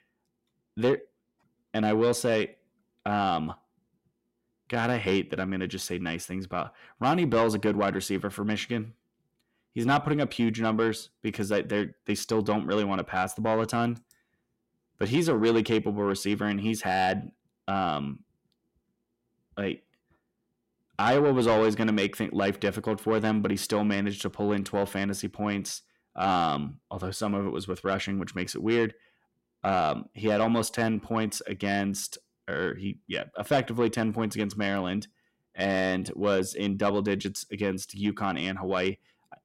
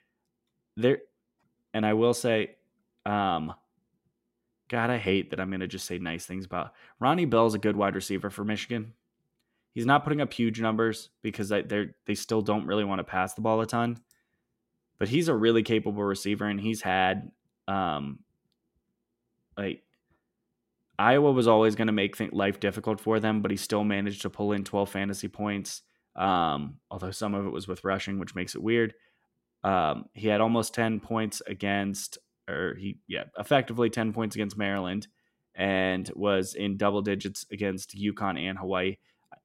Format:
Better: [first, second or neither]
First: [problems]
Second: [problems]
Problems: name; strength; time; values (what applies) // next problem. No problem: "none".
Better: second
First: distortion; slight; 10 dB below the speech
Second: none